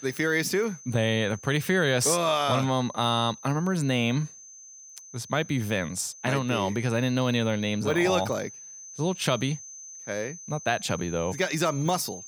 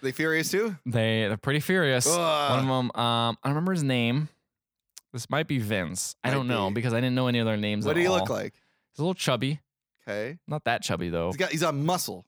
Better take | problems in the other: second | high-pitched whine; noticeable; throughout; 6 kHz, 15 dB below the speech

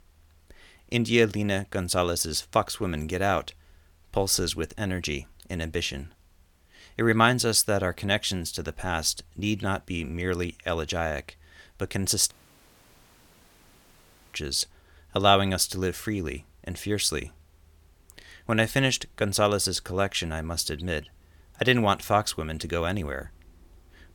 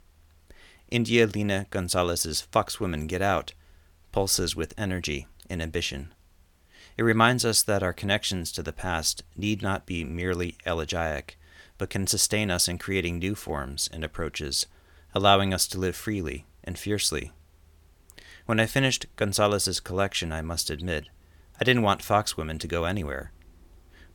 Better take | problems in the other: second | audio cutting out; at 12 s for 2 s

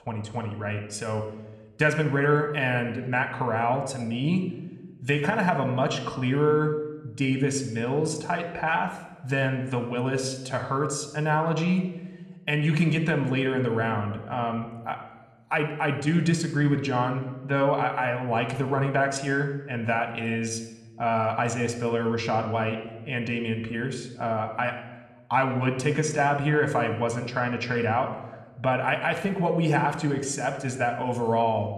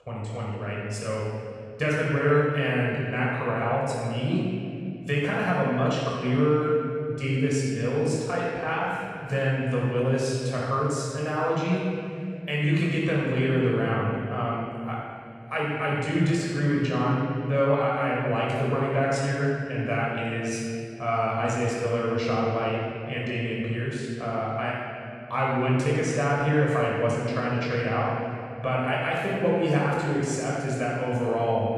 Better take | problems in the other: first | room echo; strong; dies away in 2.3 s; slight in the first // off-mic speech; far

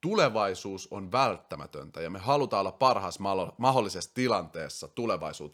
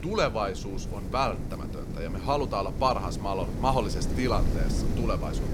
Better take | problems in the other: first | wind noise on the microphone; occasional gusts; 10 dB below the speech

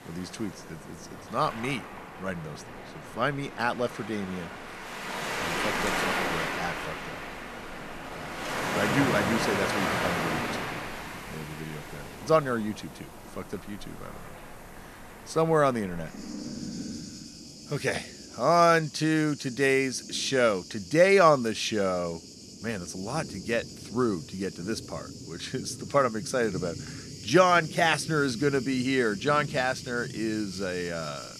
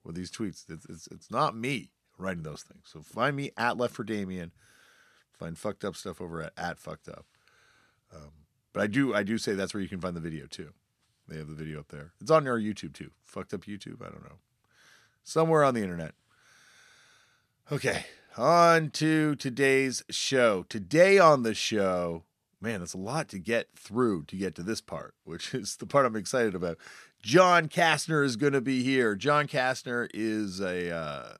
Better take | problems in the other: second | rain or running water; loud; throughout; 8 dB below the speech

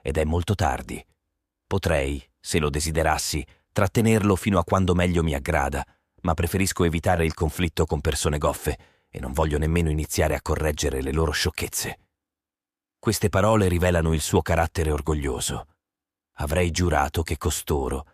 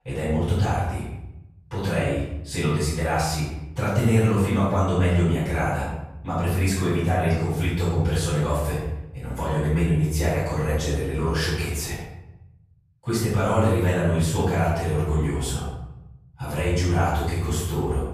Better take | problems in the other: first | off-mic speech; far // room echo; strong; dies away in 0.9 s

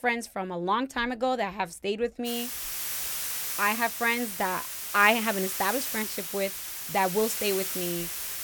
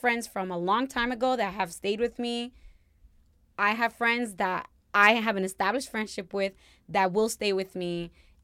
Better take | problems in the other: second | hiss; loud; from 2.5 s on; 3 dB below the speech

